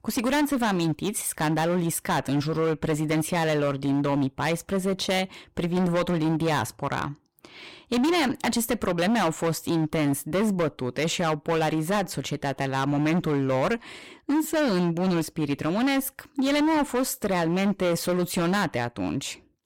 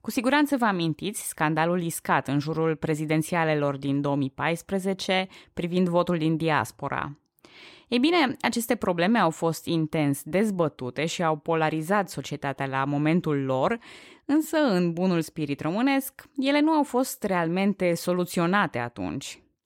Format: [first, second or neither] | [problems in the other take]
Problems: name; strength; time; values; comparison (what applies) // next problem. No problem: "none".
second | distortion; heavy; 17% of the sound clipped